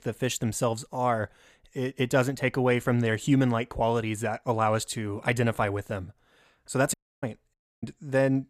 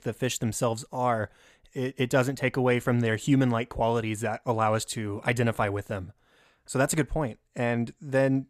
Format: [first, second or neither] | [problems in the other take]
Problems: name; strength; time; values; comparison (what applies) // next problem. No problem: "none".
second | audio cutting out; at 7 s and at 7.5 s